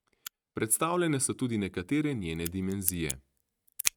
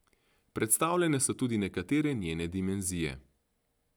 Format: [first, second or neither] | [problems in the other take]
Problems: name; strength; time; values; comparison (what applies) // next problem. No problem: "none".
second | noise reduction (neural mask model RNNoise)